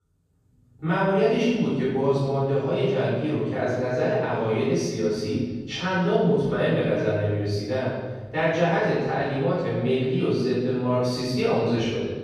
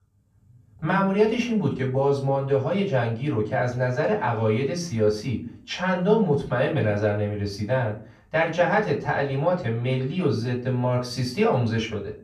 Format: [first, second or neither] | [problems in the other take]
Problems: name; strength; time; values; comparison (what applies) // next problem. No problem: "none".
second | room echo; strong; dies away in 1.6 s; slight in the second // off-mic speech; far; far in the second